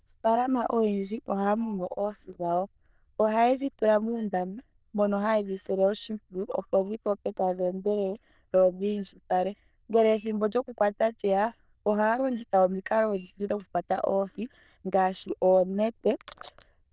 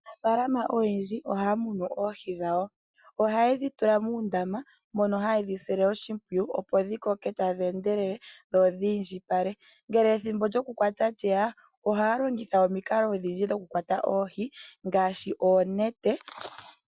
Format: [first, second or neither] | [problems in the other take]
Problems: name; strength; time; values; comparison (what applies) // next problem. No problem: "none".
second | noise reduction (neural diffusion model UNIVERSE++)